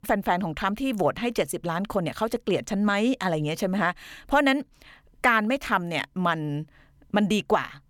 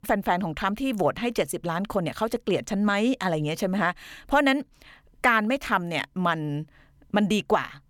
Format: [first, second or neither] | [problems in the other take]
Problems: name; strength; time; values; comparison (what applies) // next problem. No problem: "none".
neither | none